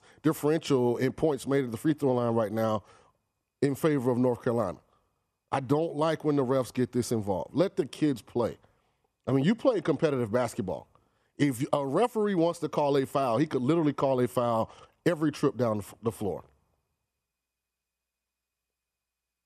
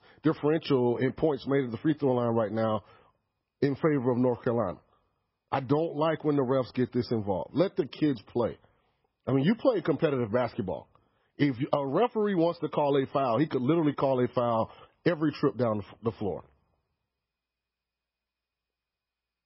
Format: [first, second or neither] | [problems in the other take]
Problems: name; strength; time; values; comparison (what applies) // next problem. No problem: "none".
first | garbled, watery; badly; nothing above 5.5 kHz